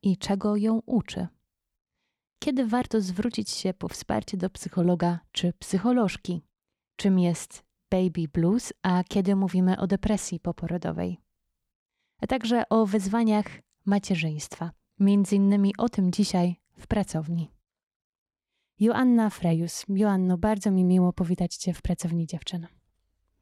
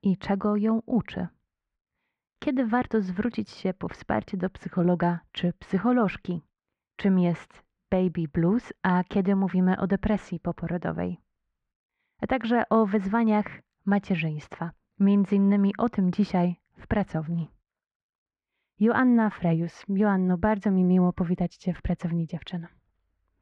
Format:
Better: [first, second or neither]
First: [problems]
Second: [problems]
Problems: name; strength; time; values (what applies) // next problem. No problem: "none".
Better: first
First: none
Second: muffled; very; fading above 2 kHz